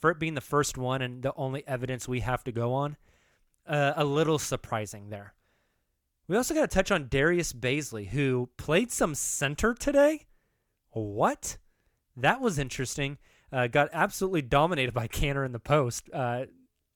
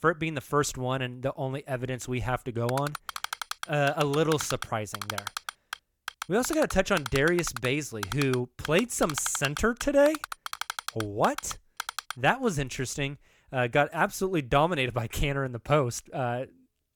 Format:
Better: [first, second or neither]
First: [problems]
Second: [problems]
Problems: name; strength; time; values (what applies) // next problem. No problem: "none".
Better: first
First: none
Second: keyboard typing; noticeable; from 2.5 to 12 s; peak 6 dB below the speech